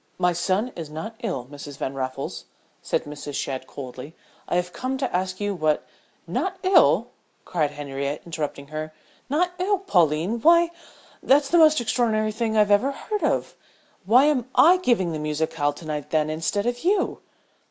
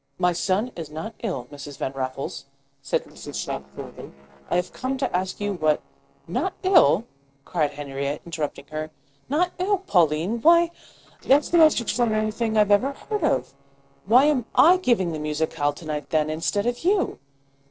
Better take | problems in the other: first | noise reduction (neural separator model SepFormer DNS4)

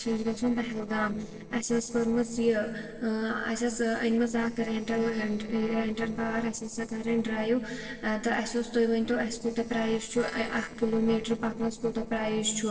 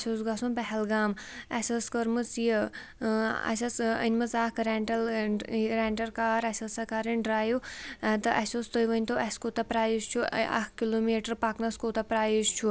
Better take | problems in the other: second | noise reduction (neural separator model SepFormer DNS4)

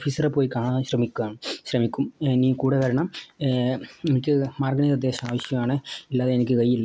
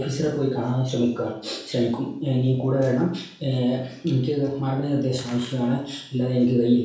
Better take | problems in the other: first | room echo; dies away in 0.7 s

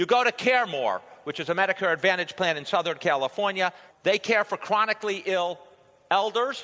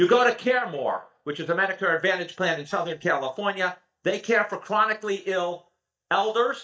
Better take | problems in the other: first | noise reduction (neural mask model DeepFilterNet 3)

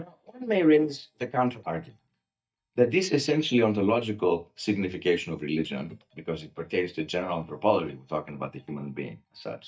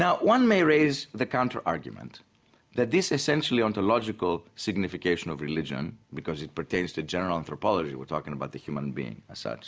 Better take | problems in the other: second | noise reduction (neural mask model DeepFilterNet 3)

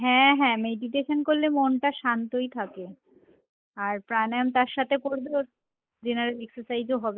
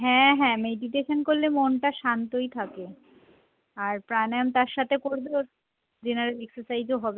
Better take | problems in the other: second | noise reduction (neural mask model Resemble Enhance denoiser)

